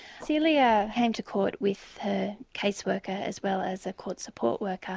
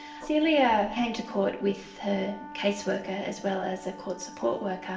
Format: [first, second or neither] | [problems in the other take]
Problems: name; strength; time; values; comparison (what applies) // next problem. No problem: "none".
first | background sound (Wind instrument, woodwind instrument); 17 dB below the speech // room echo; dies away in 0.7 s